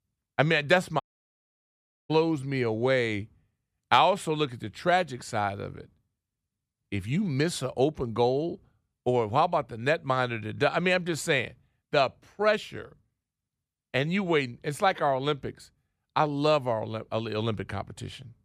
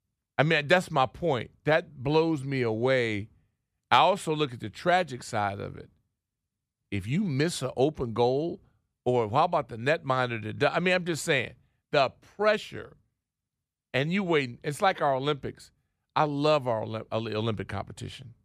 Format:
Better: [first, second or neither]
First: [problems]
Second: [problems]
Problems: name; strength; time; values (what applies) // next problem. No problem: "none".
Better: second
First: audio cutting out; at 1 s for 1 s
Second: none